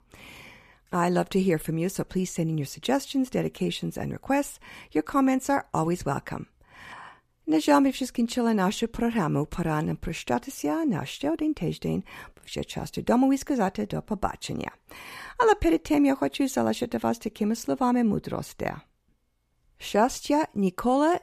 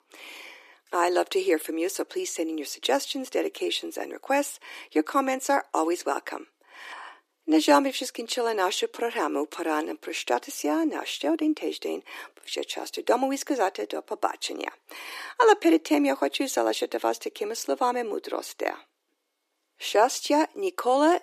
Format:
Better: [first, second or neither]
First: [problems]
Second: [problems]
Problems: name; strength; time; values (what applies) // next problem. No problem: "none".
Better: first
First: none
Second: thin; somewhat; fading below 300 Hz